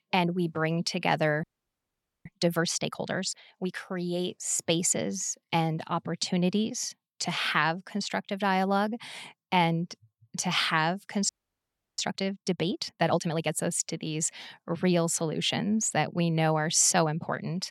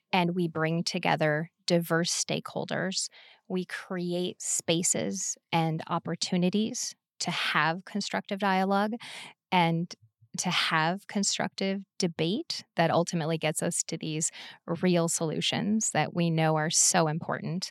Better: second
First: audio freezing; at 1.5 s for 1 s and at 11 s for 0.5 s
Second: none

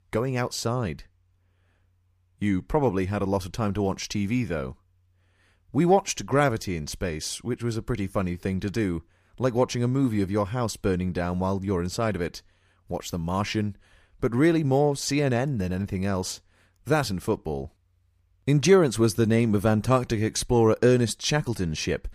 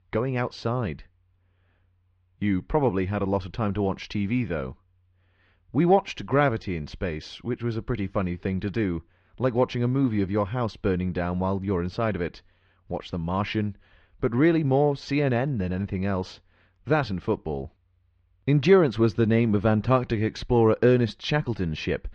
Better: first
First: none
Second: muffled; slightly; fading above 4 kHz

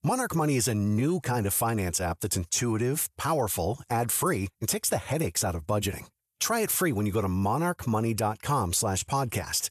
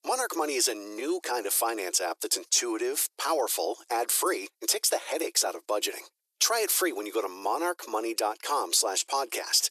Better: first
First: none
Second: thin; very; fading below 350 Hz

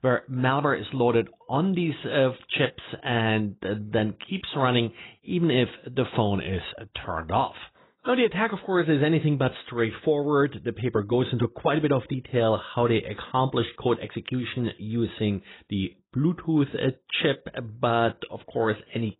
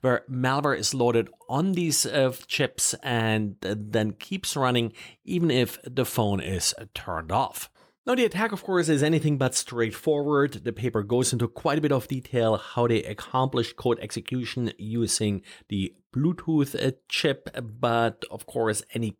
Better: second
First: garbled, watery; badly; nothing above 4 kHz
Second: none

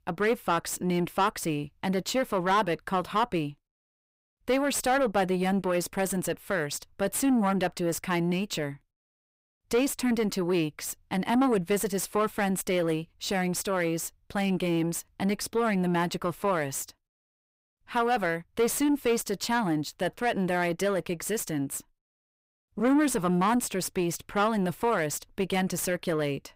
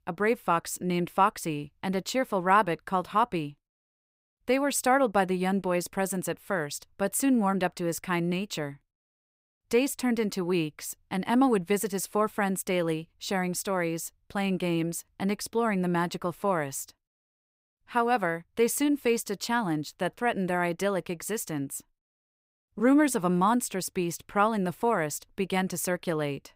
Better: second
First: distortion; slight; 9 dB below the speech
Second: none

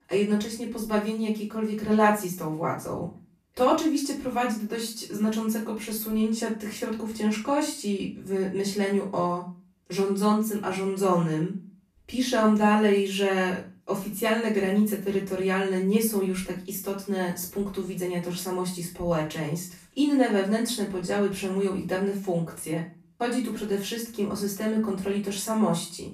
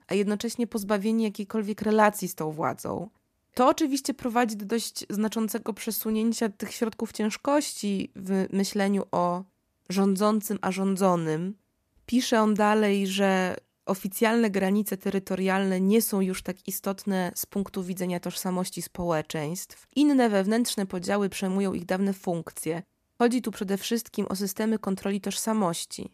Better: second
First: off-mic speech; far // room echo; slight; dies away in 0.3 s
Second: none

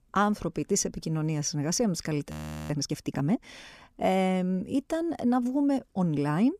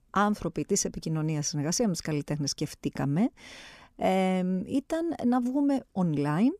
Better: second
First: audio freezing; at 2.5 s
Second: none

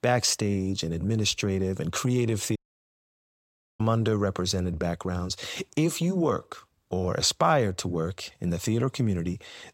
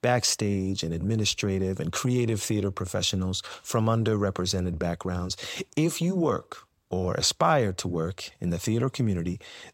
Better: second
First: audio cutting out; at 2.5 s for 1 s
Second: none

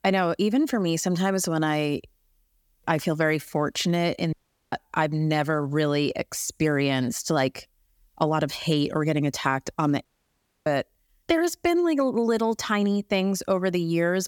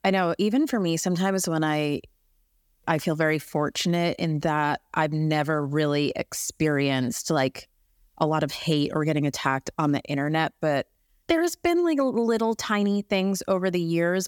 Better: second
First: audio cutting out; at 4.5 s and at 10 s for 0.5 s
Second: none

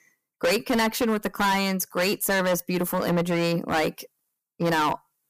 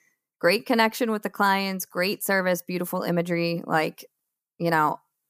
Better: second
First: distortion; heavy; 13% of the sound clipped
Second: none

